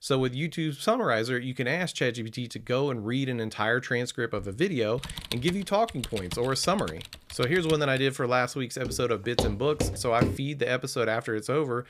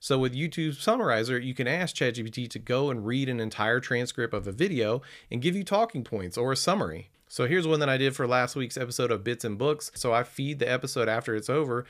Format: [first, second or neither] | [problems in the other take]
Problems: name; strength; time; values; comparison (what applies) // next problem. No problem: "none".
second | keyboard typing; noticeable; from 5 to 8 s; peak 7 dB below the speech // footsteps; noticeable; from 9 to 10 s; peak 1 dB below the speech